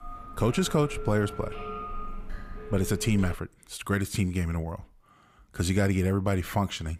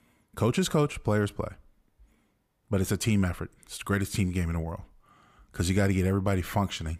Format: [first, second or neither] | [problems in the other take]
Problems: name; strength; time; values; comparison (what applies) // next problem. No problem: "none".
second | phone ringing; noticeable; until 3.5 s; peak 8 dB below the speech